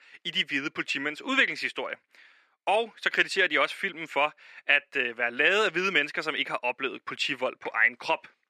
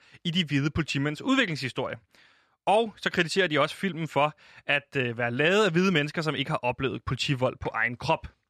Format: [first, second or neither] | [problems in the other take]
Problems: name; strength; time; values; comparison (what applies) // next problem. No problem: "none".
second | thin; somewhat; fading below 300 Hz